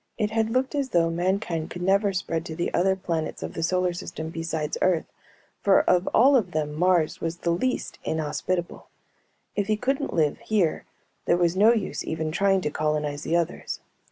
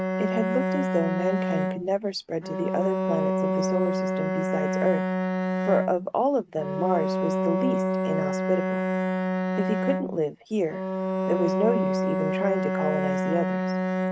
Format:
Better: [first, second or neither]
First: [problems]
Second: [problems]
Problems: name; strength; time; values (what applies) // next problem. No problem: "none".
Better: first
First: none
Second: noise reduction (neural mask model RNNoise)